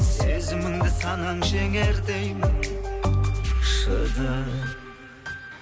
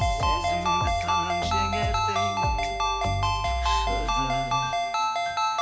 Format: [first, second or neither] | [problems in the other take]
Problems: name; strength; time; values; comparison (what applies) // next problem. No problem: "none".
first | background sound (Ringtone); 4 dB above the speech